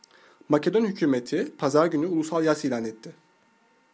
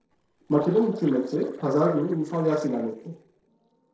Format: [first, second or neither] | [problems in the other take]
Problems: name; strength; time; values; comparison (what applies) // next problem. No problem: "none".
first | noise reduction (neural separator model SepFormer DNS4)